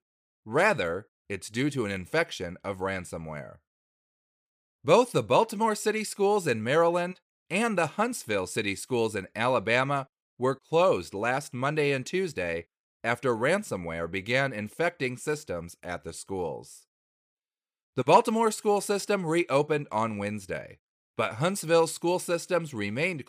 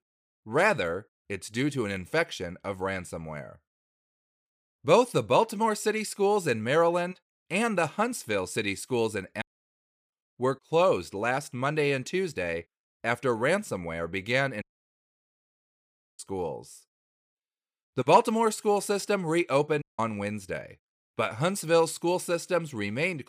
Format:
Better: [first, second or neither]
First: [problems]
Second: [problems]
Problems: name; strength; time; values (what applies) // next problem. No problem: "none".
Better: first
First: none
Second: audio cutting out; at 9.5 s for 0.5 s, at 15 s for 1.5 s and at 20 s